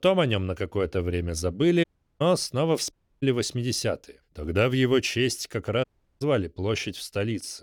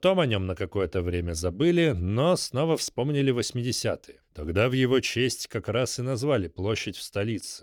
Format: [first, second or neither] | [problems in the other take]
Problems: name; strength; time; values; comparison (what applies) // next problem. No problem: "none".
second | audio cutting out; at 2 s, at 3 s and at 6 s